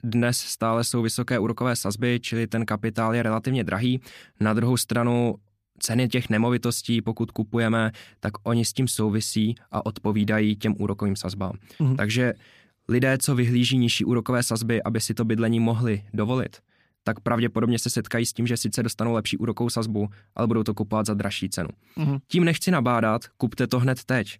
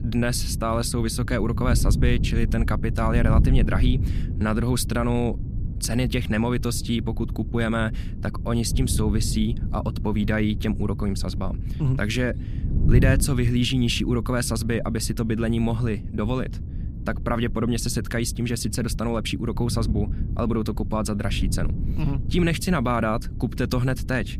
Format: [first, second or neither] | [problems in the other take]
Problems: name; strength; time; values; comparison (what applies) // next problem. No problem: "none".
first | wind noise on the microphone; occasional gusts; 15 dB below the speech